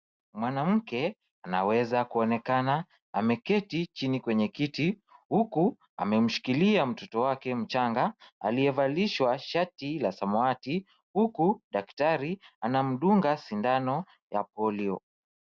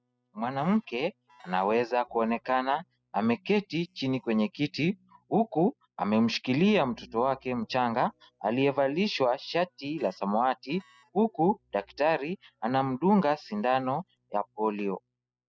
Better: first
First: none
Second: noise reduction (classical method spectral subtraction)

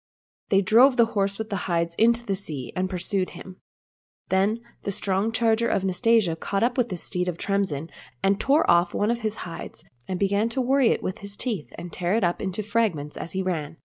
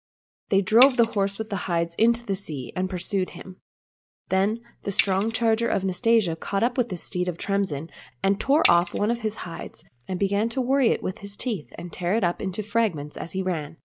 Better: first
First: none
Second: background sound (Bicycle bell); 13 dB below the speech

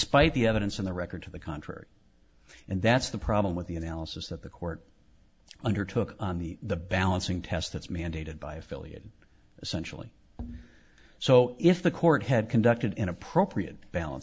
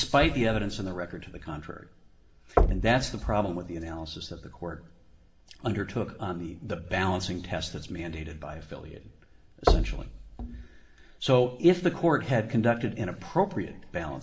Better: first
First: none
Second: background sound (Knock); 1 dB below the speech // room echo; dies away in 1 s

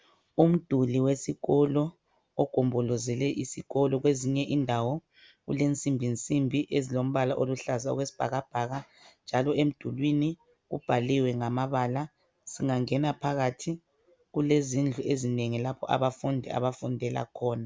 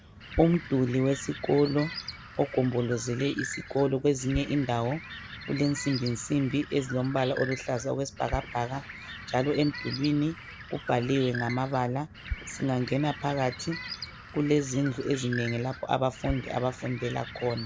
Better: first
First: none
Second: background sound (Bird); 12 dB below the speech

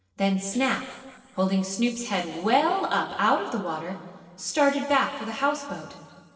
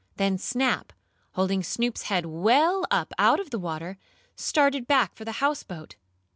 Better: second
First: noise reduction (neural separator model SepFormer DNS4)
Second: none

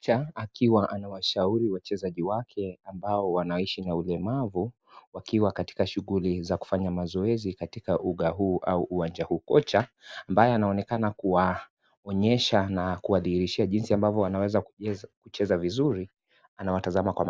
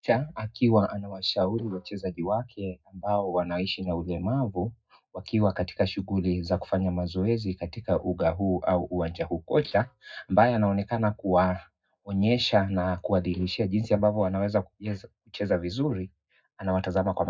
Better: first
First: none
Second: noise reduction (neural mask model DeepFilterNet 3)

